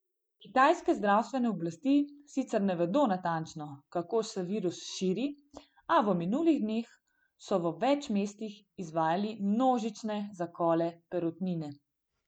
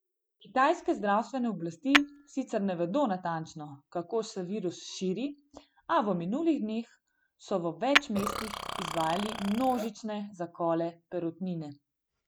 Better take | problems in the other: first | background sound (Tap / Hammer + Burping, eructation); 2 dB below the speech

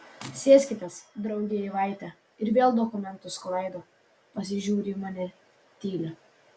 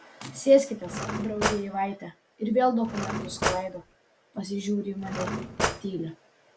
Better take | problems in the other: first | background sound (Cutlery, silverware / Drawer open or close); 3 dB below the speech

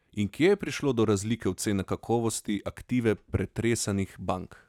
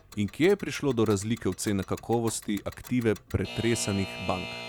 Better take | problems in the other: first | background sound (Alarm / Clock); 15 dB below the speech

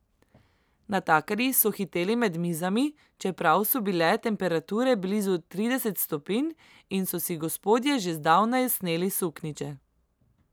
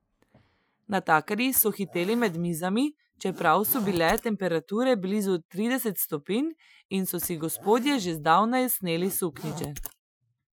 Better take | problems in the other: first | noise reduction (classical method Wiener filter)

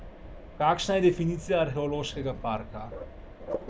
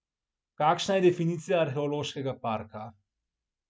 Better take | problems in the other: second | background sound (Mechanisms + Wind); 11 dB below the speech

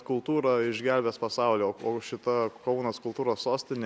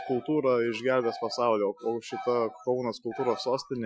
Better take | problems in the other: first | noise reduction (classical method Wiener filter)

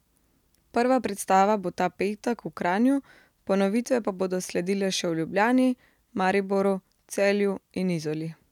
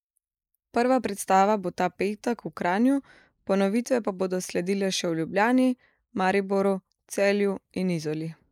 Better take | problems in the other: first | noise reduction (neural mask model Resemble Enhance denoiser)

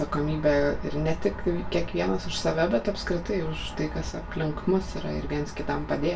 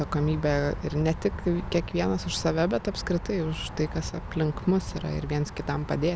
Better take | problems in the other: second | room echo; dies away in 0.2 s

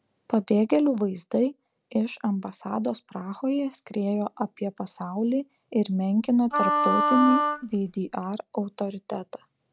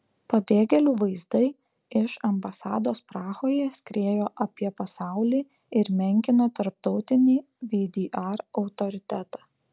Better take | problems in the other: second | background sound (Wind instrument, woodwind instrument); 1 dB above the speech

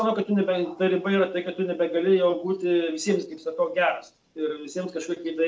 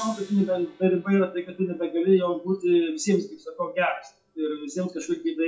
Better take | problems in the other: first | noise reduction (classical method WPE with log-MMSE)

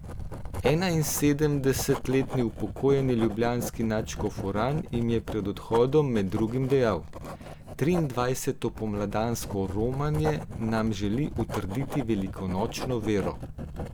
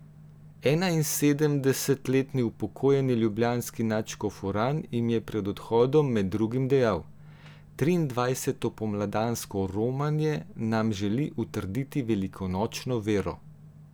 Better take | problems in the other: second | background sound (Writing); 9 dB below the speech

